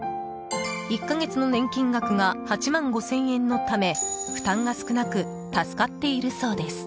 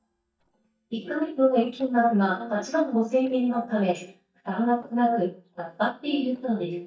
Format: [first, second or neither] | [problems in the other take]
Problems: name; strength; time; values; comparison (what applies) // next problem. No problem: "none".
first | noise reduction (neural mask model DeepFilterNet 3)